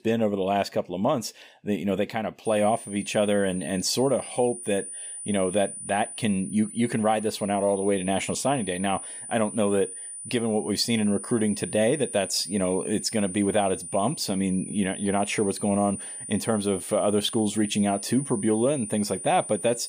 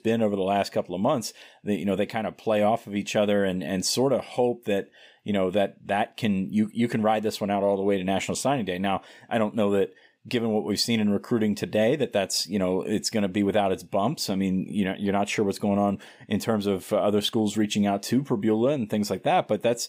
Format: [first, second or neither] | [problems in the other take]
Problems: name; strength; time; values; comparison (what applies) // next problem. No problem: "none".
second | high-pitched whine; loud; from 2.5 s on; 9.5 kHz, 9 dB below the speech